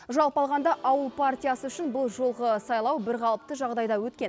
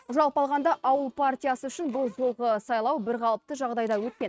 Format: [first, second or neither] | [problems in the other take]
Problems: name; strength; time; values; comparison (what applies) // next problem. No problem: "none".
first | noise reduction (neural mask model RNNoise)